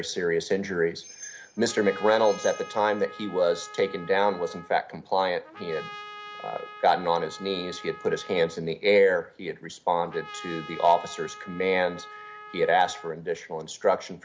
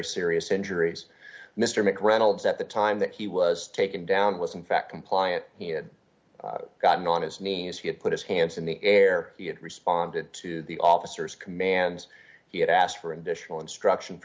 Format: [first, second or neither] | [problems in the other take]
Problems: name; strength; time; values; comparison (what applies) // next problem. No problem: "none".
second | background sound (Bell + Trumpet); 16 dB below the speech